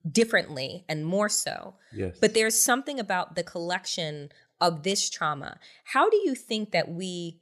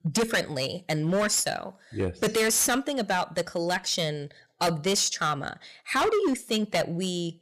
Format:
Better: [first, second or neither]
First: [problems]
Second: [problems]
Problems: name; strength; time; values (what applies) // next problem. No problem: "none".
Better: first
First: none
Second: distortion; heavy; 12% of the sound clipped